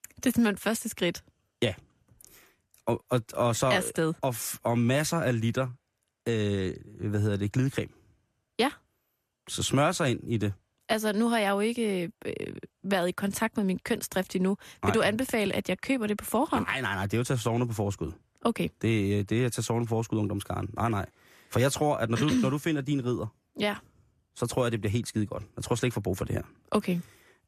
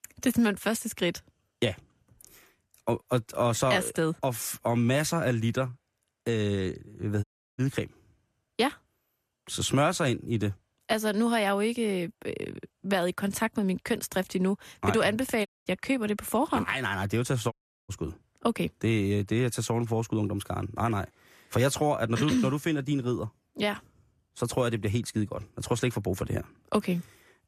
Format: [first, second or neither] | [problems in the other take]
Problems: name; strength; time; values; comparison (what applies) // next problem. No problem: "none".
first | audio cutting out; at 7 s, at 15 s and at 18 s